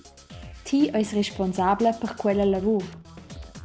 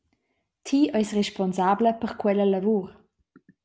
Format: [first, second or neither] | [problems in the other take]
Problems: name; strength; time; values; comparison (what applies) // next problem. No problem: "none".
second | background sound (Drum kit); 17 dB below the speech